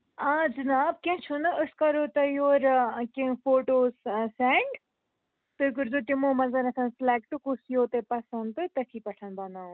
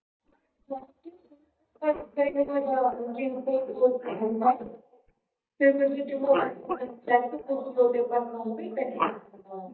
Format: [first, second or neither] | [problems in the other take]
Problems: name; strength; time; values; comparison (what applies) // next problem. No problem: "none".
first | noise reduction (neural mask model DeepFilterNet 3)